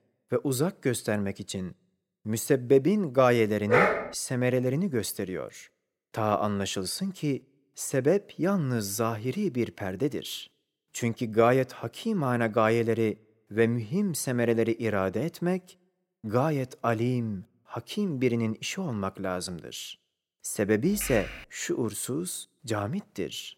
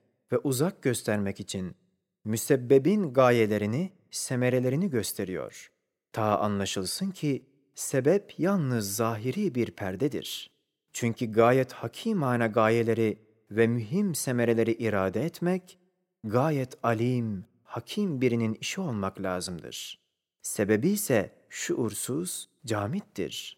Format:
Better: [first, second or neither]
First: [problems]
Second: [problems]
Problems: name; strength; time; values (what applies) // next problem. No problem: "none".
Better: second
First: dog barking; loud; at 3.5 s; peak 6 dB above the speech // keyboard typing; noticeable; at 21 s; peak 8 dB below the speech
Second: none